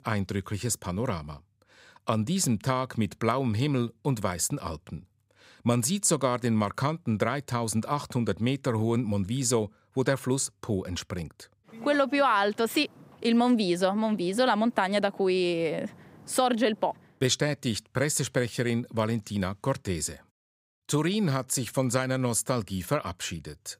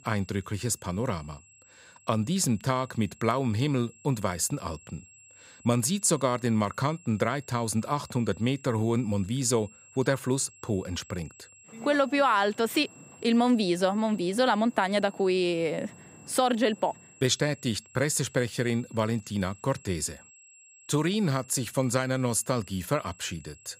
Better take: first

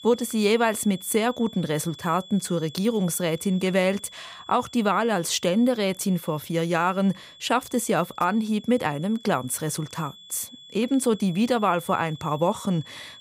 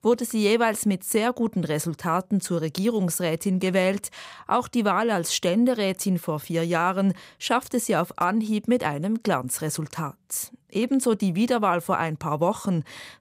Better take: second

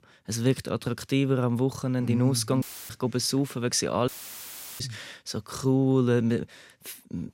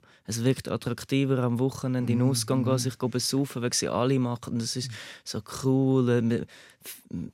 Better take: second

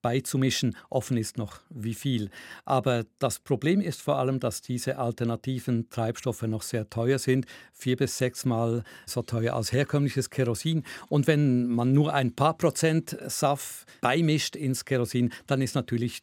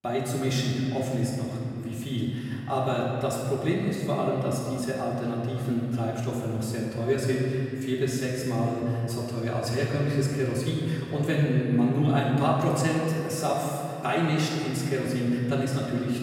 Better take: first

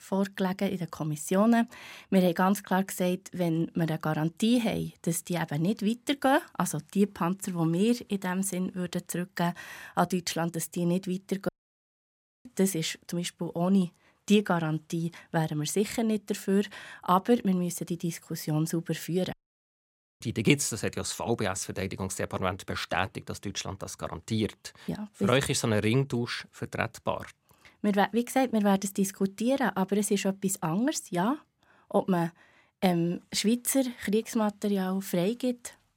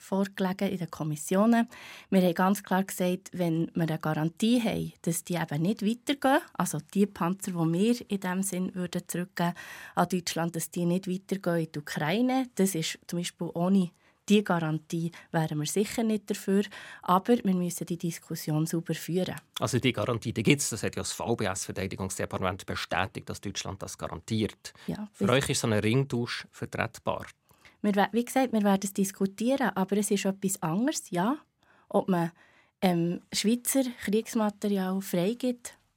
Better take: second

